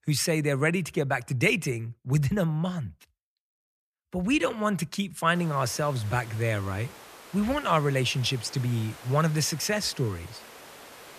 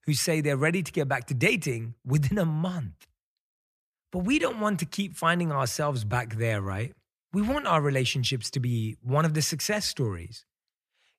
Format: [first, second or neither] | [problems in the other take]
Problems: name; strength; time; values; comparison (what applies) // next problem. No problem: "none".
second | hiss; noticeable; from 5.5 s on; 20 dB below the speech